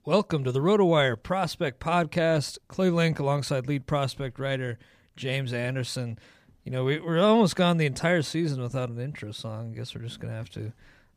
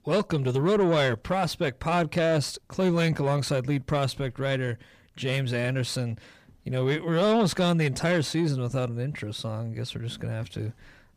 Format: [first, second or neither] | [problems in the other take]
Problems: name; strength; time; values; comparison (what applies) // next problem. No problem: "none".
first | distortion; slight; 10 dB below the speech